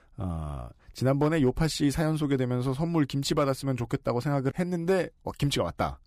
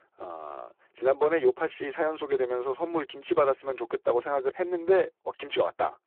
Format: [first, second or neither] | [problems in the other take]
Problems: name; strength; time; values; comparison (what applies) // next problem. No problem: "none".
first | phone-call audio; poor line